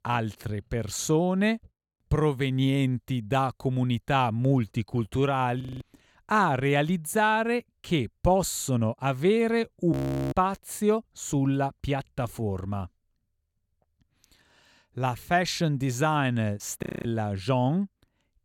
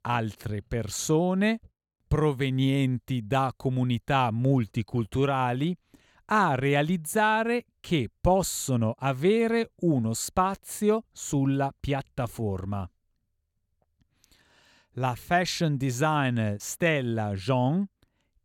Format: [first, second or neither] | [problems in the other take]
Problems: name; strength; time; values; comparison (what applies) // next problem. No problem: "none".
second | audio freezing; at 5.5 s, at 10 s and at 17 s